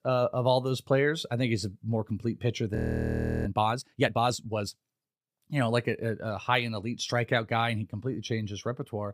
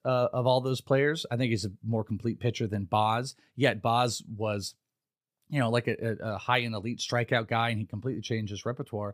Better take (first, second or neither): second